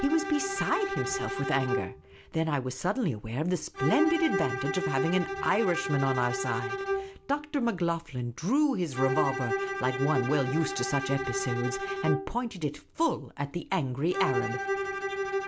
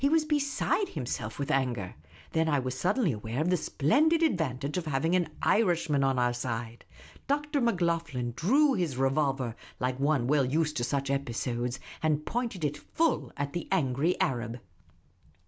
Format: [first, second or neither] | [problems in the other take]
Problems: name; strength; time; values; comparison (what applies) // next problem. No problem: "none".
second | background sound (Bowed string instrument); 4 dB below the speech